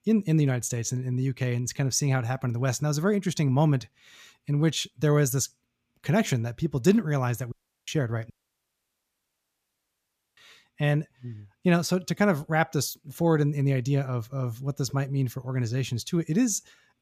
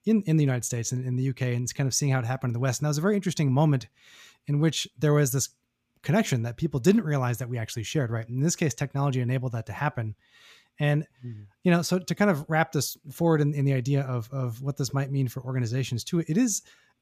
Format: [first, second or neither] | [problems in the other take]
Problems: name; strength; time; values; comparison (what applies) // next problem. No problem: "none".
second | audio cutting out; at 7.5 s and at 8.5 s for 2 s